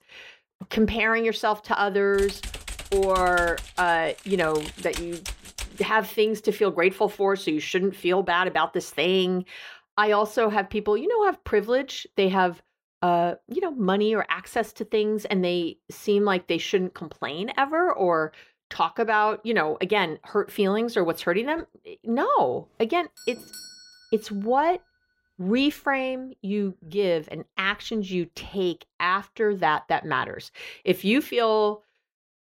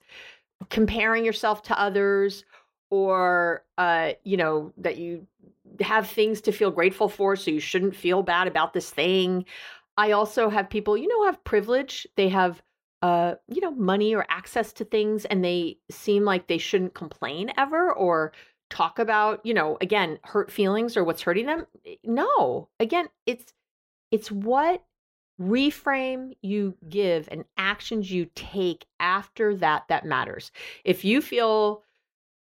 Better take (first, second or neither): second